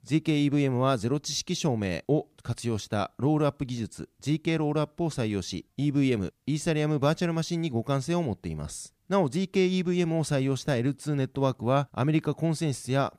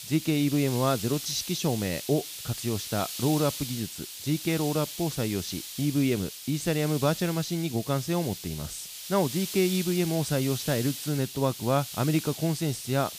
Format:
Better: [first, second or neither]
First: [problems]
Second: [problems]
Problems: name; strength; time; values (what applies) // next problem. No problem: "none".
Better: first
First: none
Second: hiss; loud; throughout; 8 dB below the speech